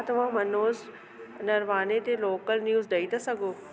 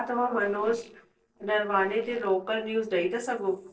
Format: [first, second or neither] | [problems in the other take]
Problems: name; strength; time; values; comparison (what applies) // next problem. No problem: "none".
first | noise reduction (neural separator model SepFormer DNS4)